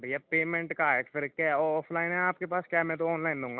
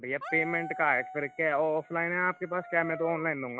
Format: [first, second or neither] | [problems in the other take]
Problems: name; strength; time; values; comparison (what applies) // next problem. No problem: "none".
first | noise reduction (classical method log-MMSE)